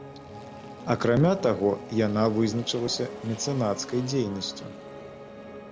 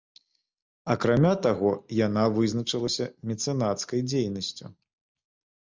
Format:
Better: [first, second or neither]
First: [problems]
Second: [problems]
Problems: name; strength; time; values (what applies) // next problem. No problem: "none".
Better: second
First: background sound (Engine + Piano); 14 dB below the speech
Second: none